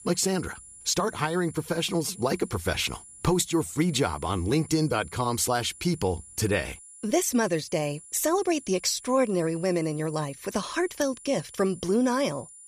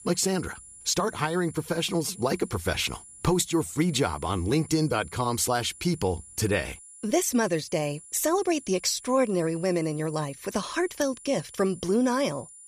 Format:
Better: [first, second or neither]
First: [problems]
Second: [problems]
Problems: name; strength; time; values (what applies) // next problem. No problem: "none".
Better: neither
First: high-pitched whine; noticeable; throughout; 9.5 kHz, 20 dB below the speech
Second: high-pitched whine; noticeable; throughout; 9.5 kHz, 20 dB below the speech